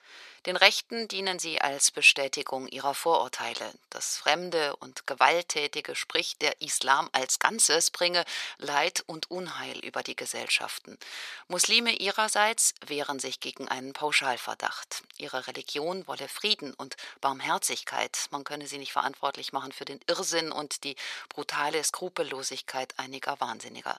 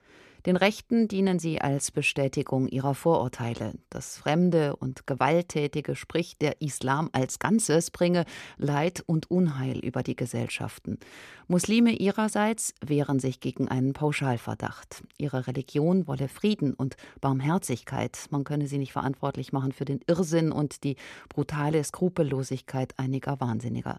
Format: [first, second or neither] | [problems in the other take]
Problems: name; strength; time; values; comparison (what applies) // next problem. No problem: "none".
second | thin; very; fading below 850 Hz